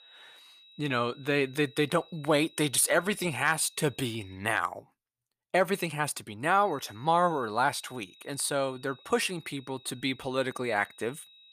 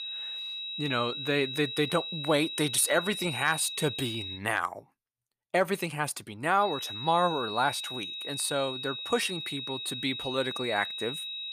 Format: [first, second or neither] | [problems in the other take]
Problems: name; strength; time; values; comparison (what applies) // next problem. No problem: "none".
first | high-pitched whine; loud; until 4.5 s and from 6.5 s on; 4 kHz, 5 dB below the speech; faint in the first